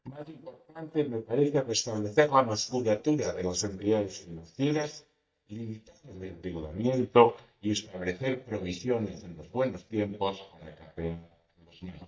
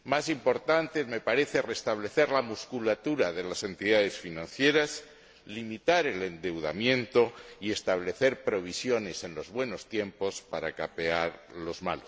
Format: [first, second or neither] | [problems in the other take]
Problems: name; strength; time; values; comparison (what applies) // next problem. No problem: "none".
second | noise reduction (neural mask model DeepFilterNet 3)